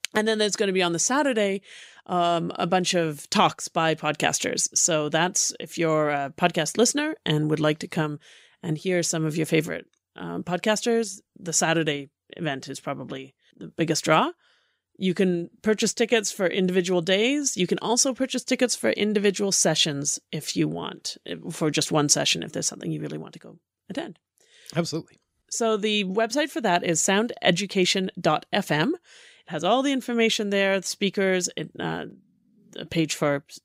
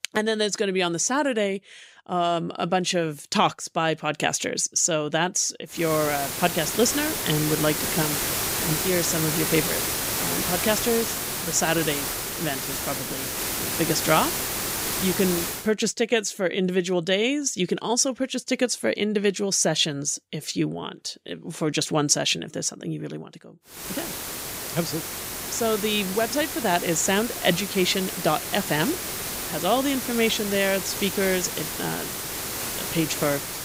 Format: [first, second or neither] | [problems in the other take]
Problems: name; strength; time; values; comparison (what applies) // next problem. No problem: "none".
first | hiss; loud; from 6 to 16 s and from 24 s on; 2 dB below the speech